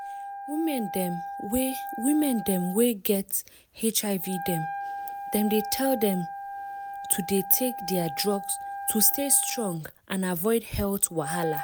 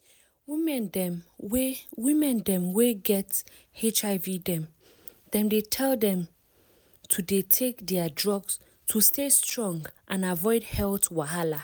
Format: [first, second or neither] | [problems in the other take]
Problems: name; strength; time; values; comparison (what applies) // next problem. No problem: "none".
second | background sound (Wind instrument, woodwind instrument); 9 dB below the speech